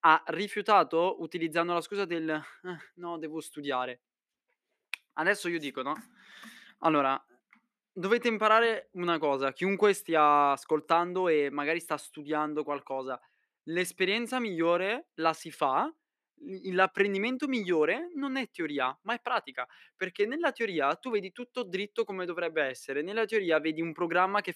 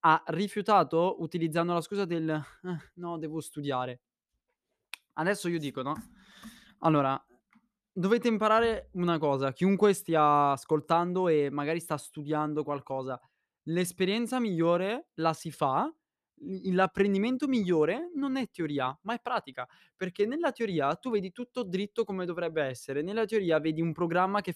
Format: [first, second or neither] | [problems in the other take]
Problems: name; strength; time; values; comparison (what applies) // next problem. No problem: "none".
second | thin; very slightly; fading below 300 Hz